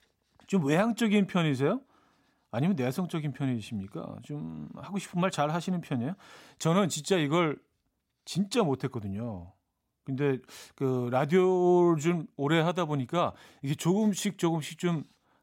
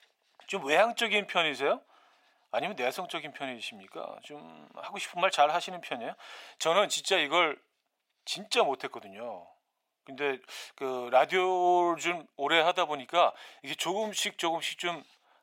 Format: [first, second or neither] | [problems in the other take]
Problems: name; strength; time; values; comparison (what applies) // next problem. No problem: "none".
first | thin; very; fading below 600 Hz